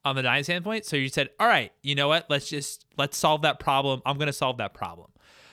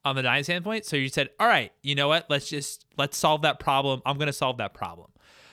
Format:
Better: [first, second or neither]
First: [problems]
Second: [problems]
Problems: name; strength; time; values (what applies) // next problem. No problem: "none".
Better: neither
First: none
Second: none